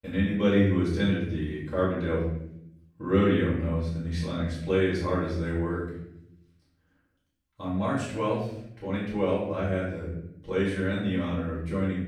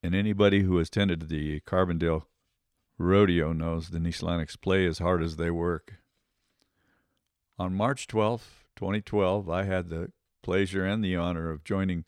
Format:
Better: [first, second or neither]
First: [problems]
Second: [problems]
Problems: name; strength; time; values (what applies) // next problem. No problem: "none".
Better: second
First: off-mic speech; far // room echo; noticeable; dies away in 0.8 s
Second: none